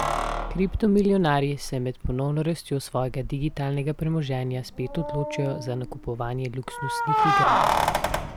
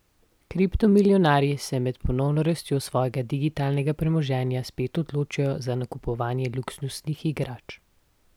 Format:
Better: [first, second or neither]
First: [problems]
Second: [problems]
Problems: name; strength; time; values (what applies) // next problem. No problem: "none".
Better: second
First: background sound (Keys jangling); 2 dB below the speech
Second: none